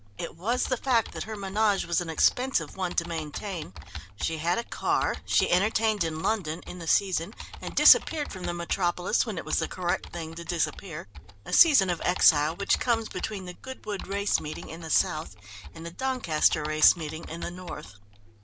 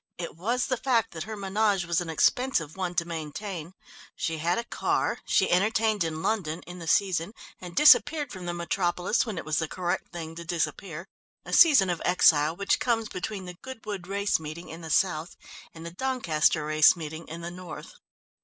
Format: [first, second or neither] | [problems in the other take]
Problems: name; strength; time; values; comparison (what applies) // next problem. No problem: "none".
second | background sound (Computer keyboard); 13 dB below the speech